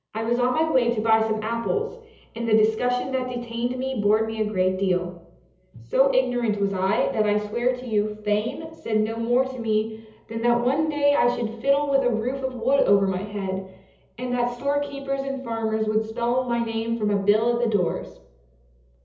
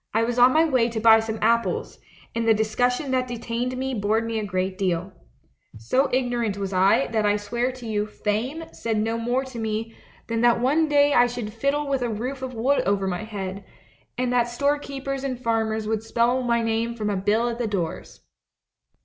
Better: second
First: room echo; dies away in 0.7 s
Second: none

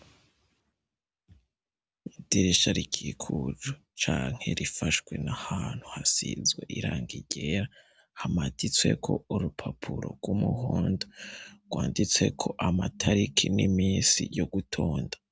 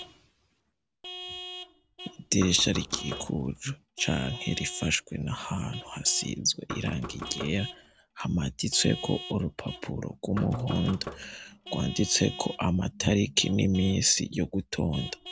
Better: first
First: none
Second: background sound (Knock + Vehicle horn, car horn, honking / Truck); 13 dB below the speech

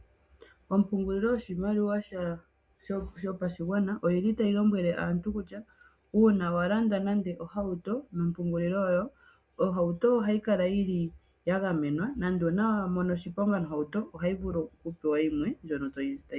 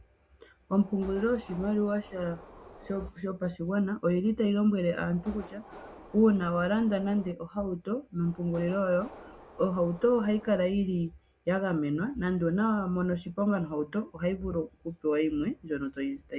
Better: first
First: none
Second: background sound (Subway, metro, underground); 19 dB below the speech

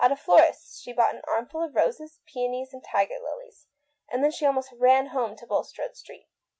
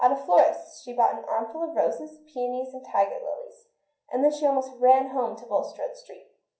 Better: first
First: none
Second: room echo; dies away in 0.6 s

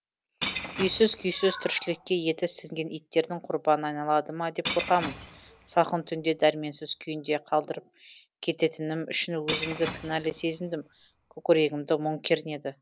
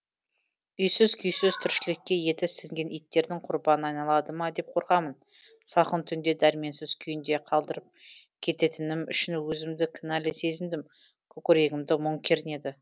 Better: second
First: background sound (Shatter / Crushing); 10 dB below the speech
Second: none

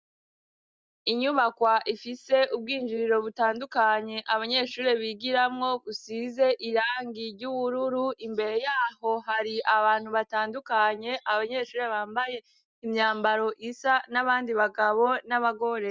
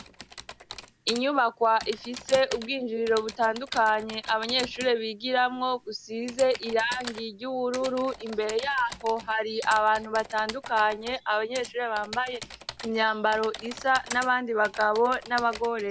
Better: first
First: none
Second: background sound (Typing); 15 dB below the speech

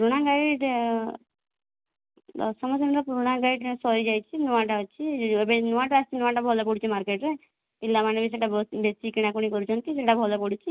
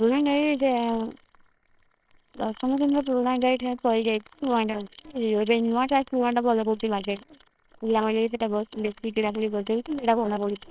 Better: first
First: none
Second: noise reduction (neural separator model SepFormer WHAMR!)

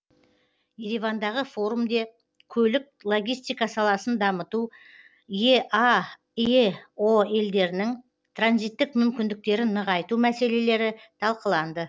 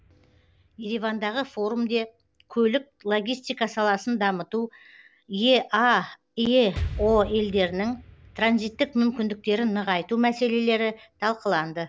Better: first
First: none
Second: background sound (Explosion); 17 dB below the speech

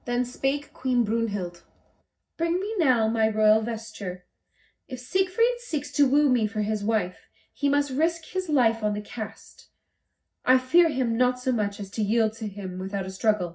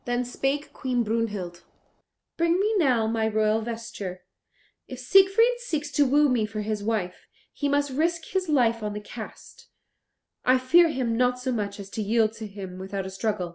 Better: second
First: room echo; dies away in 0.4 s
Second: none

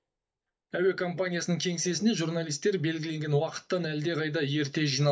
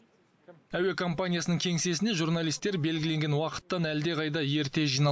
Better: second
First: noise reduction (neural mask model DeepFilterNet 3)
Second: none

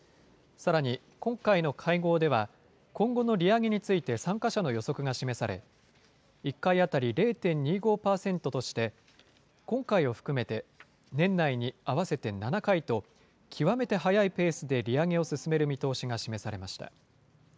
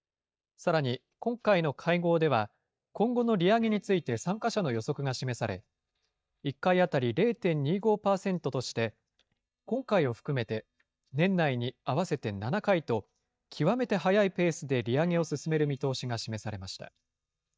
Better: first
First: none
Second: noise reduction (neural mask model DeepFilterNet 3)

